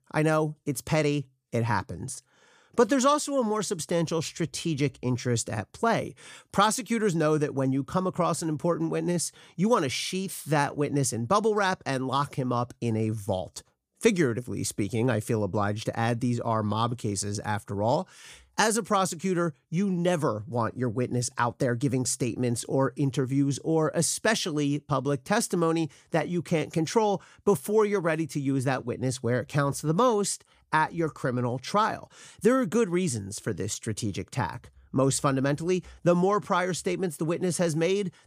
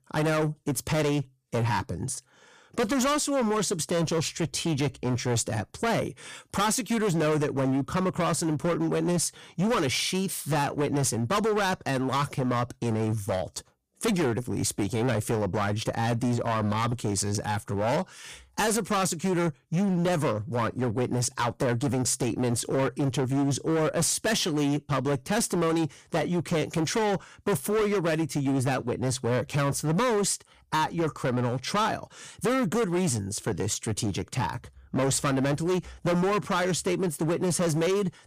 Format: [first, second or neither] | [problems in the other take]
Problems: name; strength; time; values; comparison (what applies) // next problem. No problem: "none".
first | distortion; heavy; 20% of the sound clipped